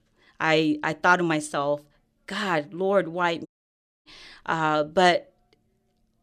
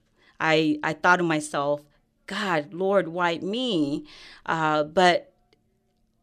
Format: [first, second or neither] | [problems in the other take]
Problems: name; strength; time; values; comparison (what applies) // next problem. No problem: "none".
second | audio cutting out; at 3.5 s for 0.5 s